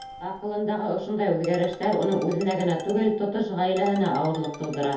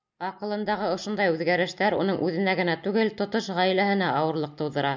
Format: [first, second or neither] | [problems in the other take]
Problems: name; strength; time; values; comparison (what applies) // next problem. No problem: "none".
second | background sound (Ringtone); 19 dB below the speech // room echo; dies away in 0.5 s